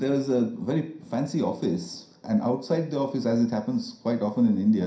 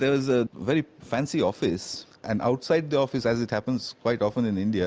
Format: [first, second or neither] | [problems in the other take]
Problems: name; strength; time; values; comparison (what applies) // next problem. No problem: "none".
second | room echo; dies away in 0.5 s